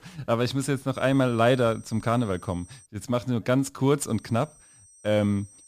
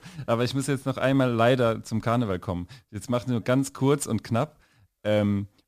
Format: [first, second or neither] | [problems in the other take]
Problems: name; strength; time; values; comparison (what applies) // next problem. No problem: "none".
second | high-pitched whine; faint; from 1 to 3 s and from 4 s on; 8.5 kHz, 25 dB below the speech